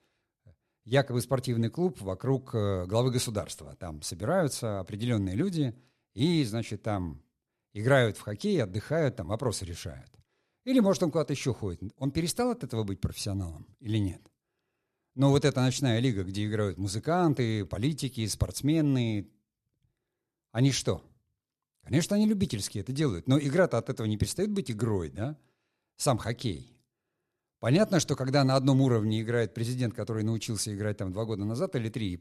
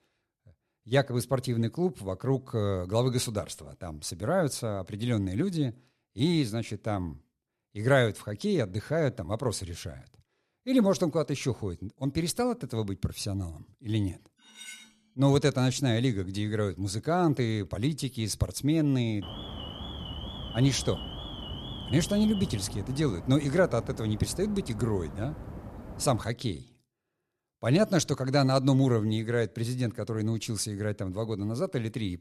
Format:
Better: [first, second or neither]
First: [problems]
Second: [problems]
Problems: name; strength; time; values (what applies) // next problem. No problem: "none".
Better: first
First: none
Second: clattering dishes; faint; at 14 s; peak 15 dB below the speech // alarm; noticeable; from 19 to 26 s; peak 9 dB below the speech